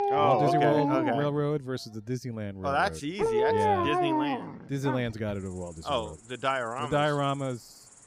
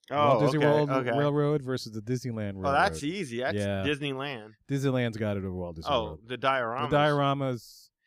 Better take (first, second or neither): second